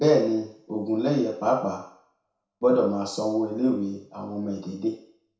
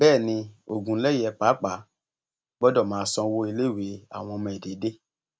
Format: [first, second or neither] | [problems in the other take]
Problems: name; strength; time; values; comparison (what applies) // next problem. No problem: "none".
second | room echo; dies away in 0.6 s